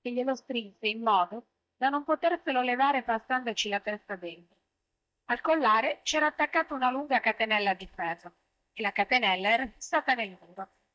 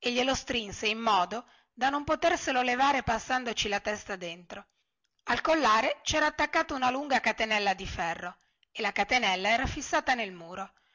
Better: second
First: noise reduction (neural mask model DeepFilterNet 3)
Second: none

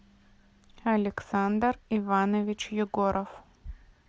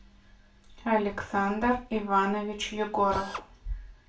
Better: first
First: none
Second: background sound (Drill); 14 dB below the speech // room echo; dies away in 0.3 s

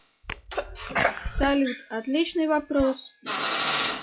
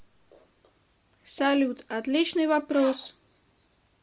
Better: second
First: noise reduction (classical method log-MMSE)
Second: none

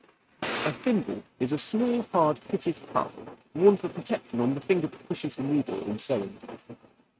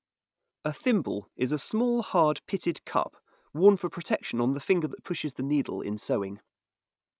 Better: second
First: noise reduction (neural mask model RNNoise)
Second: none

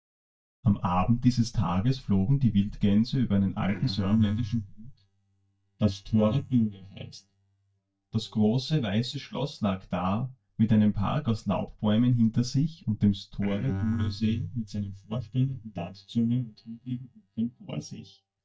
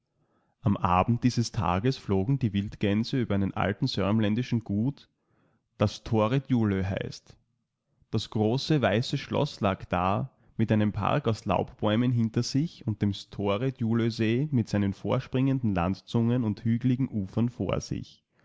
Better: second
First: noise reduction (neural mask model DeepFilterNet 3)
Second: none

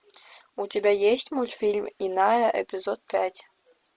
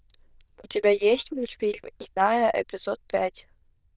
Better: first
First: none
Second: noise reduction (neural diffusion model UNIVERSE++)

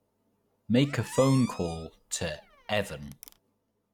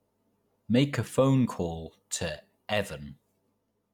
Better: second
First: background sound (Squeak); 16 dB below the speech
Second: none

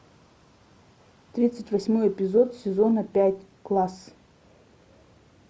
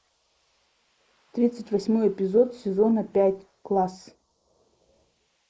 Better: first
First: none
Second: noise reduction (neural mask model Resemble Enhance denoiser)

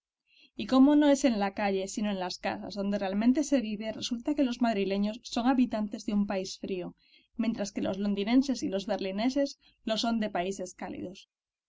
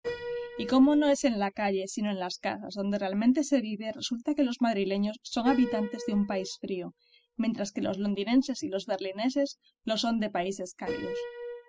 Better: first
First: none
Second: noise reduction (classical method spectral subtraction)

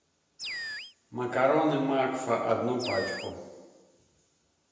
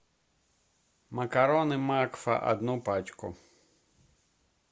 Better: second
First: background sound (Animal); 11 dB below the speech // room echo; dies away in 0.9 s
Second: none

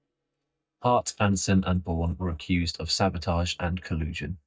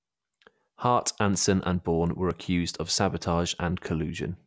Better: second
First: noise reduction (neural mask model DeepFilterNet 3)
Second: none

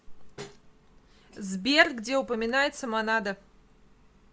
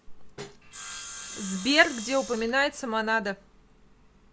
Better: first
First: none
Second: background sound (Sawing); 12 dB below the speech

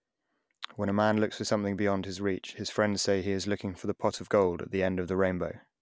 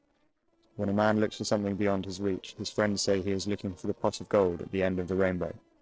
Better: first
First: none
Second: noise reduction (neural separator model SepFormer DNS4)

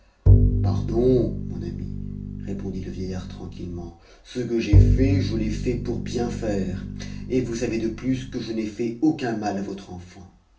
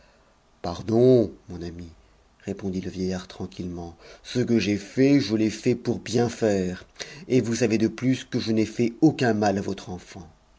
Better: second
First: background sound (Bowed string instrument); 4 dB above the speech // room echo; dies away in 0.4 s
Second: none

